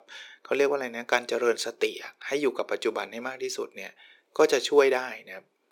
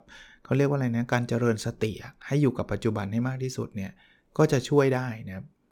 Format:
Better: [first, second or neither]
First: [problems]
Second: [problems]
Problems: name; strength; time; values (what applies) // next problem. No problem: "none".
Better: second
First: thin; very; fading below 400 Hz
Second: none